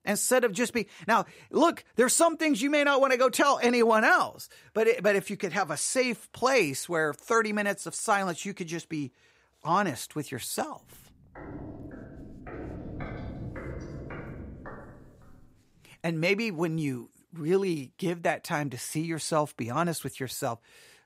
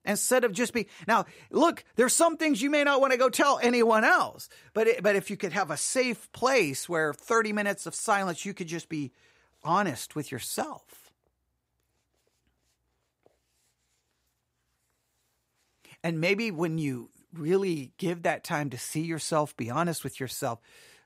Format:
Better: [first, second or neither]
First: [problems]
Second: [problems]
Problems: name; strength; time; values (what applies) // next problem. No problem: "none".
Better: second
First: footsteps; faint; from 11 to 15 s; peak 10 dB below the speech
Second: none